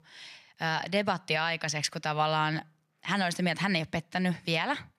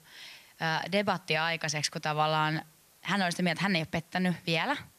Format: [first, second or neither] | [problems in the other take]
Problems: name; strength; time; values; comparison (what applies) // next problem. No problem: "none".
first | hiss; faint; throughout; 30 dB below the speech